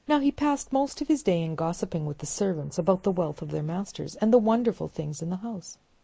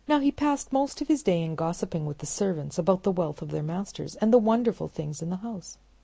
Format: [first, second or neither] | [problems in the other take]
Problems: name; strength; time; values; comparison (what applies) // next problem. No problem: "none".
second | noise reduction (neural mask model Resemble Enhance denoiser)